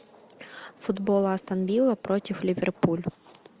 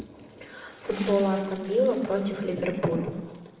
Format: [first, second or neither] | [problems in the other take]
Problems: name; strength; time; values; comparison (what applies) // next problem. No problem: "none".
first | background sound (Toilet flush); 19 dB below the speech // room echo; dies away in 1 s